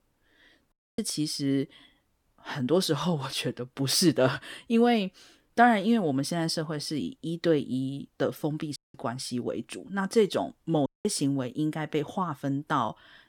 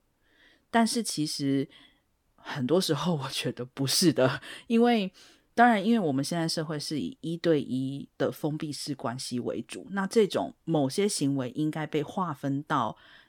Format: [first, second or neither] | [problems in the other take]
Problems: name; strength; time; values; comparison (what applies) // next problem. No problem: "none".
second | audio cutting out; at 0.5 s, at 9 s and at 11 s